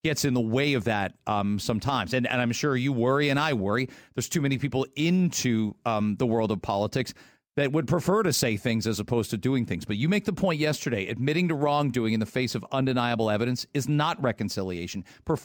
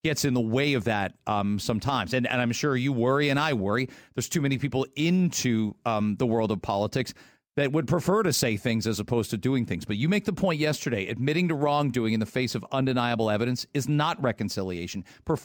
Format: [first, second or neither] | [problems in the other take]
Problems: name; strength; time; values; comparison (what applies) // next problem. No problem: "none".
neither | none